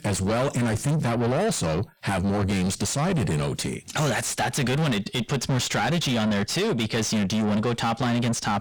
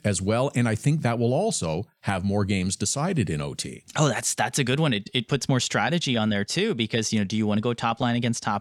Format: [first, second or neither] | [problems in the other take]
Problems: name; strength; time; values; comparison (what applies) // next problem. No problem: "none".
second | distortion; heavy; 6 dB below the speech